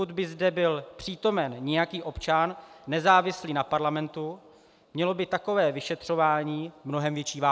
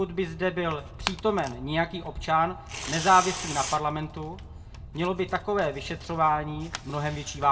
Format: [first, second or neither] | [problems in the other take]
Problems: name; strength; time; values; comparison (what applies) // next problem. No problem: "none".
first | background sound (Tearing); 11 dB below the speech // room echo; dies away in 0.2 s